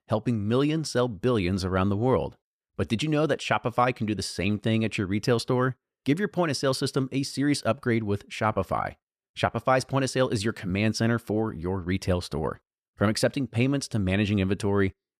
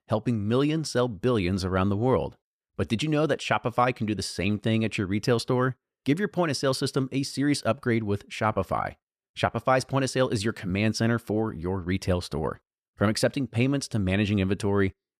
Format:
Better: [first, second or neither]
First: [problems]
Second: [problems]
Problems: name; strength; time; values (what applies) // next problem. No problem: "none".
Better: neither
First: none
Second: none